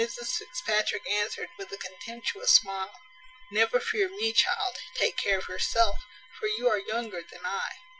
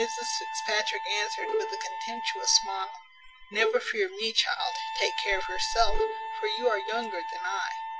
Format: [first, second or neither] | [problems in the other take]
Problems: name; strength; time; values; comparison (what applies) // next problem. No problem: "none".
first | background sound (Bowed string instrument + Wind instrument, woodwind instrument); 4 dB below the speech